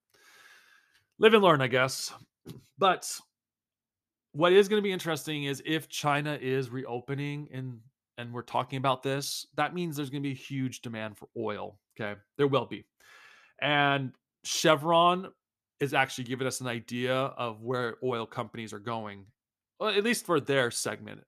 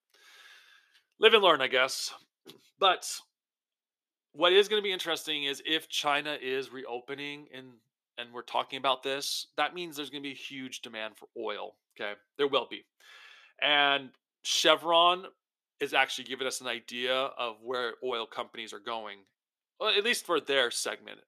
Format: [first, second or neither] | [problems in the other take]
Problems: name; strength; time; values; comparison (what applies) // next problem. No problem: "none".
first | thin; somewhat; fading below 400 Hz